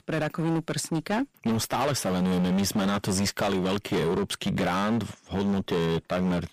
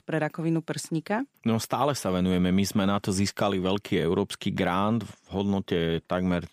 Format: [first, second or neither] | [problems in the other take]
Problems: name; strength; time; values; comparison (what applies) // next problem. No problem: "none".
second | distortion; heavy; 22% of the sound clipped